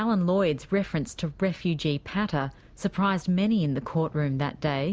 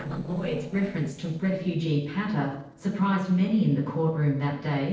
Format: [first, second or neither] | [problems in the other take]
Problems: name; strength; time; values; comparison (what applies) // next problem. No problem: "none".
first | noise reduction (neural separator model SepFormer DNS4)